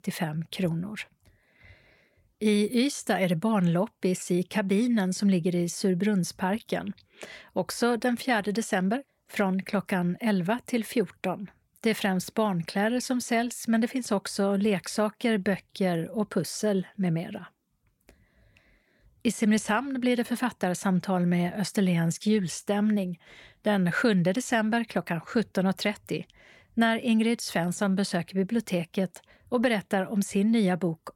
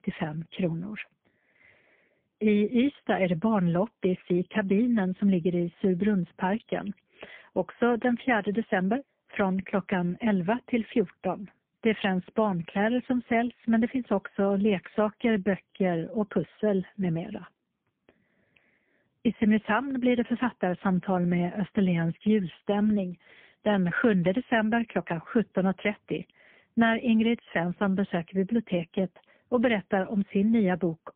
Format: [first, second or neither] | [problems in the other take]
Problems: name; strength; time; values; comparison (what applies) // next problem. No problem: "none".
first | phone-call audio; poor line; nothing above 3 kHz